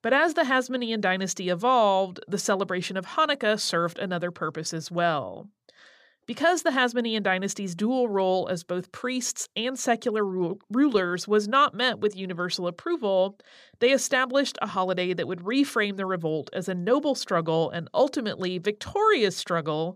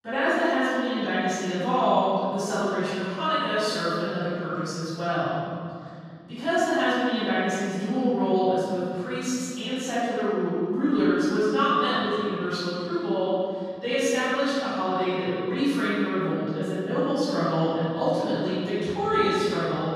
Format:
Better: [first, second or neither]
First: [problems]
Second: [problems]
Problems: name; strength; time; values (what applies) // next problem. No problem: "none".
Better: first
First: none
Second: room echo; strong; dies away in 2.9 s // off-mic speech; far